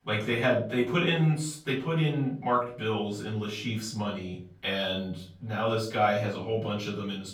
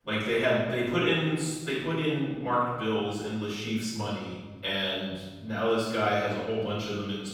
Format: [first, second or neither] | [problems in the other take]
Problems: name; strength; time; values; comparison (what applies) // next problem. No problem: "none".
first | room echo; strong; dies away in 1.1 s; slight in the first // off-mic speech; far; far in the first